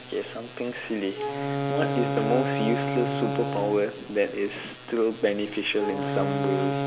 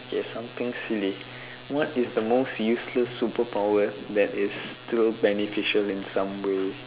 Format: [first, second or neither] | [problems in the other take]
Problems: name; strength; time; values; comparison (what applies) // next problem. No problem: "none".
second | background sound (Wind instrument, woodwind instrument); 2 dB below the speech